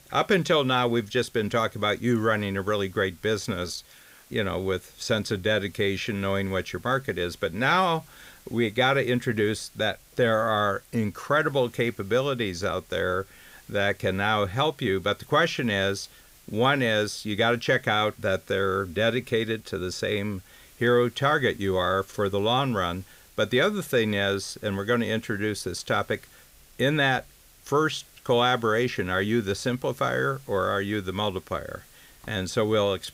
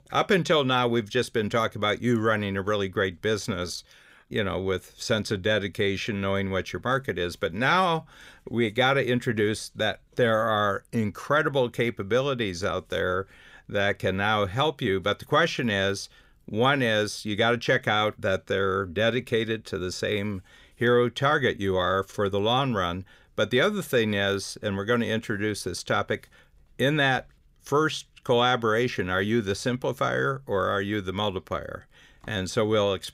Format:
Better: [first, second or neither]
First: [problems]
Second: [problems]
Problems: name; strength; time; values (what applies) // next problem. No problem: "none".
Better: second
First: hiss; faint; throughout; 25 dB below the speech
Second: none